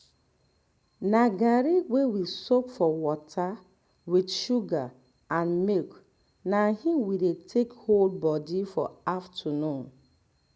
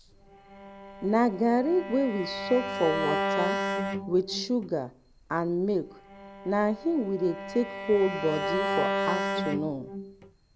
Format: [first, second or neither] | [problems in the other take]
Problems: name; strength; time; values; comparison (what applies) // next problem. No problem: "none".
first | background sound (Bowed string instrument); 5 dB below the speech